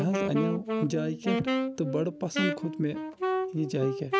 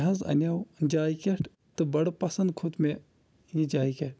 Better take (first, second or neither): second